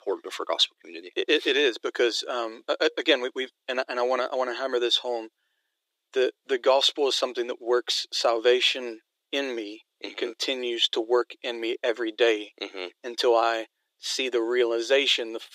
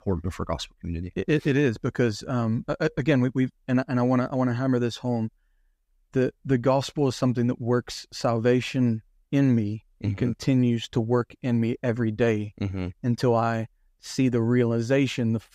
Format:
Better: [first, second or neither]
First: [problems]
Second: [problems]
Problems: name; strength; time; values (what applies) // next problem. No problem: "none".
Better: second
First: thin; very; fading below 350 Hz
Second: none